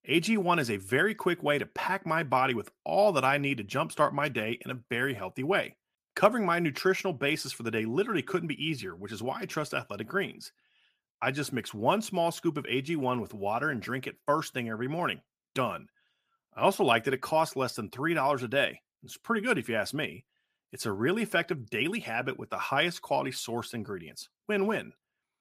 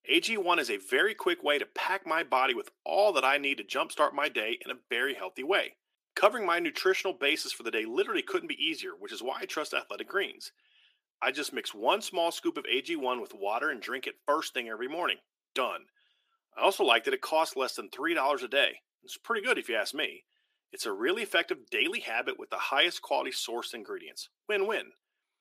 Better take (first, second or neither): first